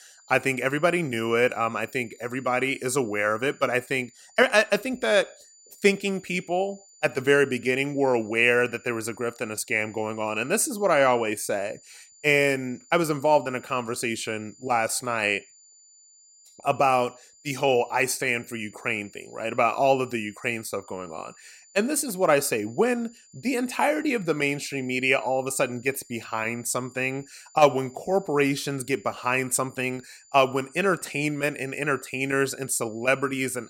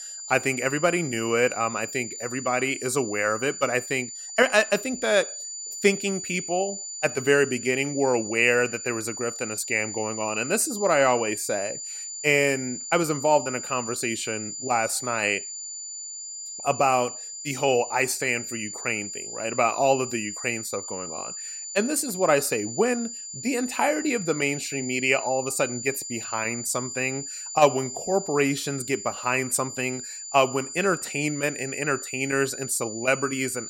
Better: first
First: high-pitched whine; faint; throughout; 7 kHz, 25 dB below the speech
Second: high-pitched whine; loud; throughout; 7 kHz, 8 dB below the speech

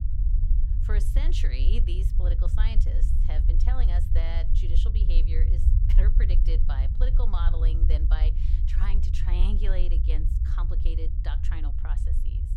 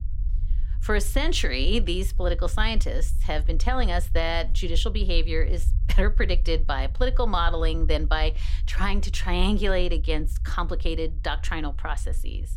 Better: second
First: low rumble; loud; throughout; 4 dB below the speech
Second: low rumble; faint; throughout; 20 dB below the speech

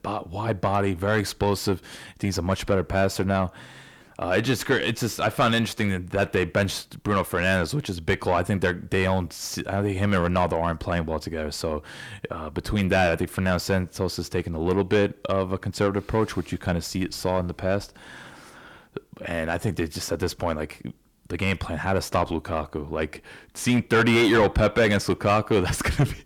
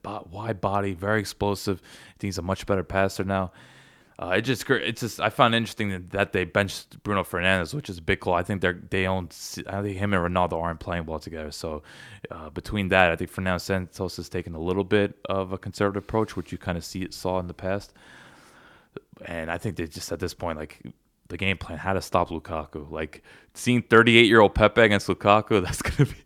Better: second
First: distortion; heavy; 6 dB below the speech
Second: none

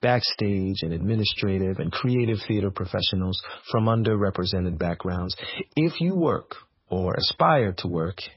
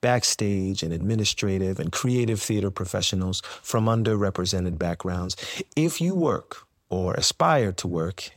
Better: second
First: garbled, watery; badly; nothing above 5.5 kHz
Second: none

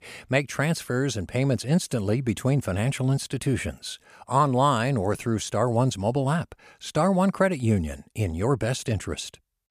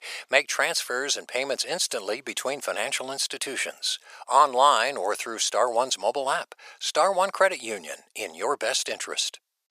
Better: first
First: none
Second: thin; very; fading below 550 Hz

